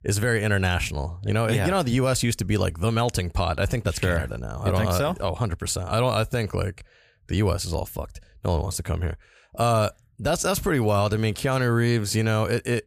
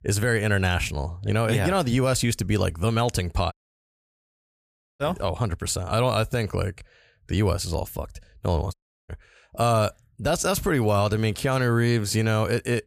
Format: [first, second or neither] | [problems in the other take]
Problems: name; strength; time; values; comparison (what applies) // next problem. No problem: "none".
first | audio cutting out; at 3.5 s for 1.5 s and at 8.5 s